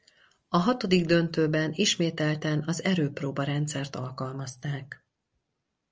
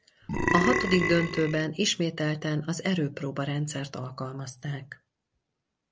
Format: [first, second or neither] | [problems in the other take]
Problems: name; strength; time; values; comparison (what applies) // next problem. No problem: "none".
first | background sound (Burping, eructation); 1 dB above the speech